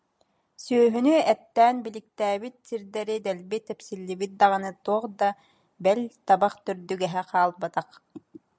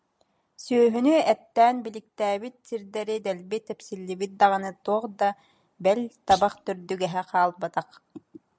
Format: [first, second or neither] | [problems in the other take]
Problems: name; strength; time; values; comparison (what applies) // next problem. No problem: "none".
first | background sound (Thump, thud); 17 dB below the speech